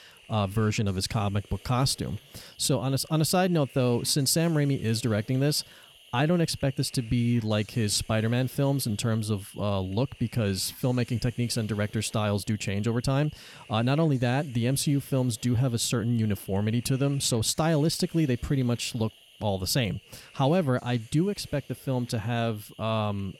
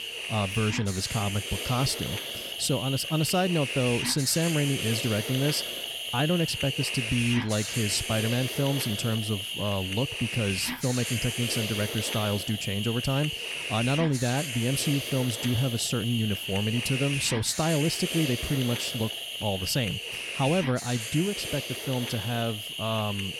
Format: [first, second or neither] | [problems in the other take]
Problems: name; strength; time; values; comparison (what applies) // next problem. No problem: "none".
first | hiss; loud; throughout; 3 dB below the speech; faint in the first